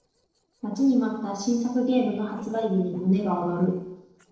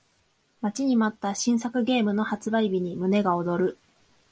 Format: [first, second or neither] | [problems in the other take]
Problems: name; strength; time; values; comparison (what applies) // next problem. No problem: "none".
second | noise reduction (neural separator model SepFormer DNS4)